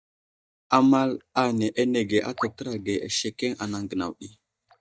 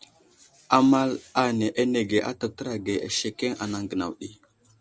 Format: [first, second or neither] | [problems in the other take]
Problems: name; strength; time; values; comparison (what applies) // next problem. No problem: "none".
second | noise reduction (neural mask model DeepFilterNet 3)